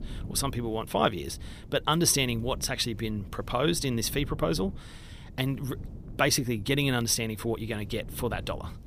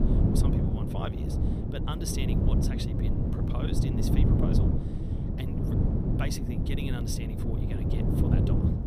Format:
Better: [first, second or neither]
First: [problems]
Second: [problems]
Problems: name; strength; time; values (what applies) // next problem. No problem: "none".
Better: first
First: wind noise on the microphone; occasional gusts; 25 dB below the speech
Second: wind noise on the microphone; heavy; 4 dB above the speech